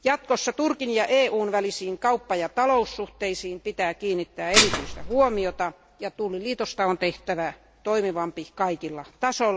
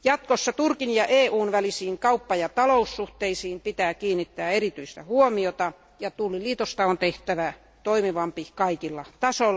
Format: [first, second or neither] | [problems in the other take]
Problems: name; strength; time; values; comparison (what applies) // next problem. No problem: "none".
second | background sound (Dishes, pots, and pans); 1 dB above the speech